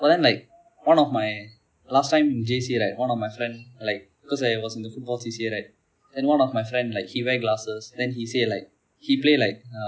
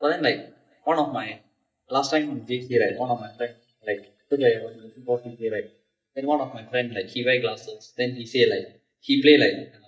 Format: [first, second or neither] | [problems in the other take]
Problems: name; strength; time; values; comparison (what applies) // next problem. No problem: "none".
first | noise reduction (neural mask model DeepFilterNet 3)